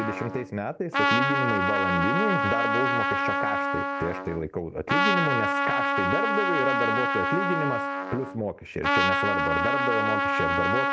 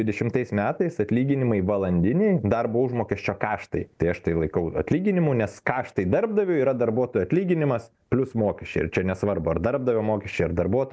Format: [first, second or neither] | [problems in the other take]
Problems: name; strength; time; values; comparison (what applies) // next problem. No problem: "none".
second | background sound (Trumpet); 4 dB above the speech